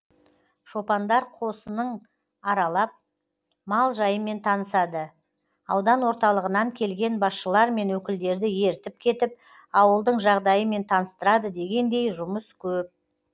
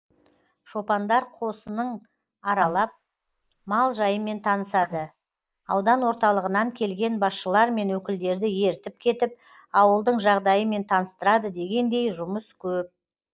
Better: first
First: none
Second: noise reduction (neural mask model Resemble Enhance denoiser)

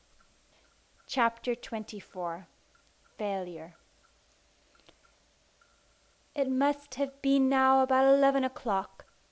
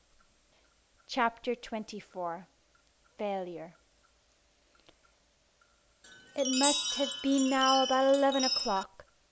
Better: first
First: none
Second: background sound (Chime); 1 dB below the speech

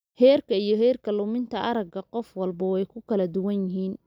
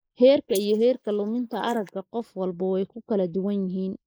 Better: first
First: none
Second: noise reduction (neural mask model Resemble Enhance denoiser)

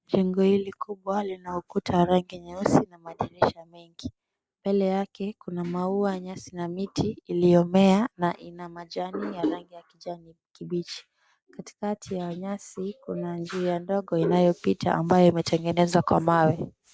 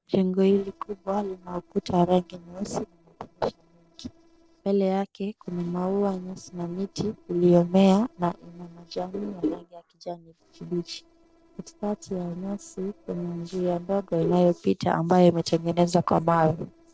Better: first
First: none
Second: noise reduction (neural separator model SepFormer DNS4)

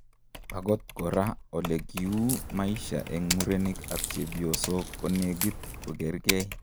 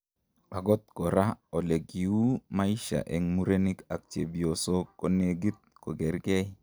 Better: second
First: background sound (Crack + Typing); 6 dB below the speech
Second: none

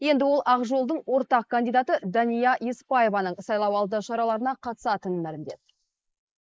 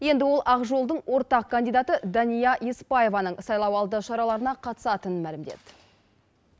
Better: second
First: noise reduction (neural mask model Resemble Enhance denoiser)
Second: none

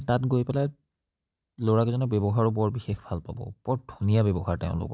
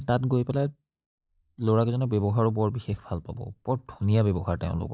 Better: first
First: none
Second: noise reduction (neural mask model Resemble Enhance denoiser)

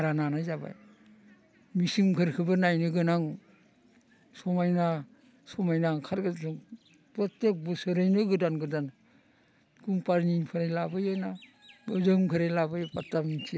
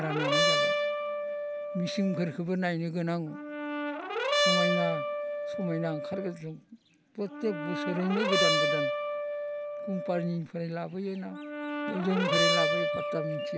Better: first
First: none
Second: background sound (Brass instrument); 3 dB above the speech

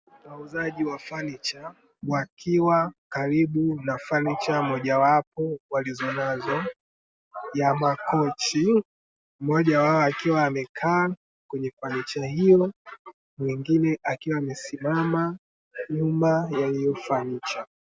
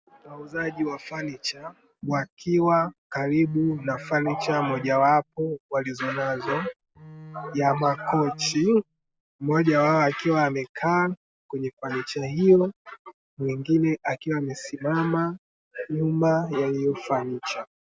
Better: first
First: none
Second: background sound (Bowed string instrument); 20 dB below the speech

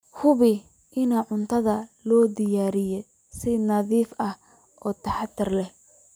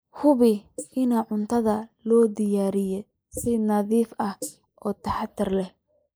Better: first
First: none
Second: noise reduction (neural mask model Resemble Enhance denoiser)

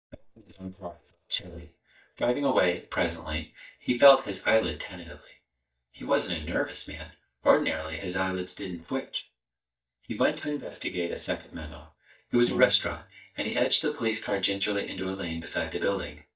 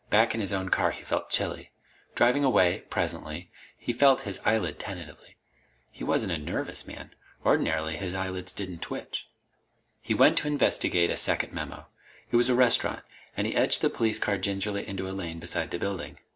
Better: second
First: noise reduction (neural mask model DeepFilterNet 3)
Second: none

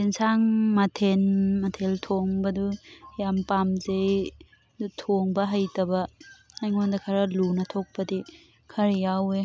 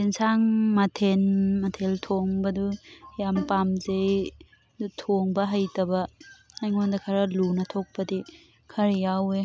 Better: first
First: none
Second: background sound (Bowed string instrument); 13 dB below the speech

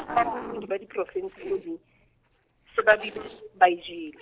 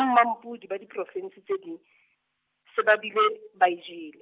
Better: second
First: noise reduction (neural separator model SepFormer DNS4)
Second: none

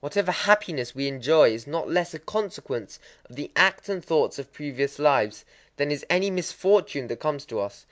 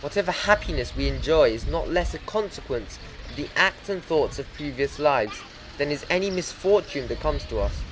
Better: first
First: none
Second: background sound (Wind); 9 dB below the speech

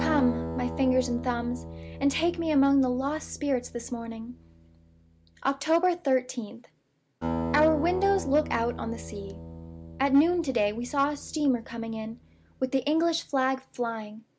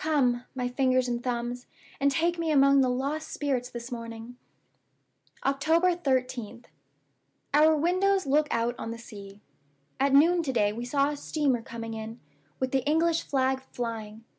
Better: second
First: background sound (Acoustic guitar); 10 dB below the speech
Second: none

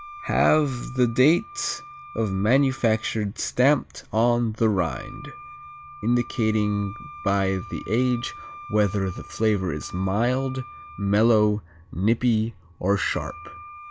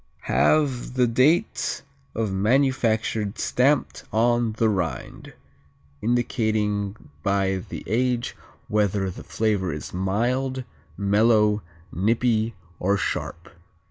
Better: second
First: background sound (Wind instrument, woodwind instrument); 18 dB below the speech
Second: none

